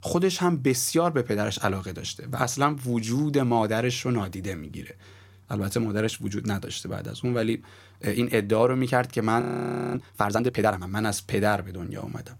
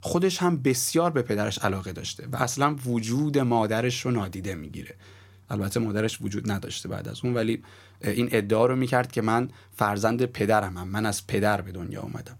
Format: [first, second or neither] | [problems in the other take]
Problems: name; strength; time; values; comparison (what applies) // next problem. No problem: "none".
second | audio freezing; at 9.5 s for 0.5 s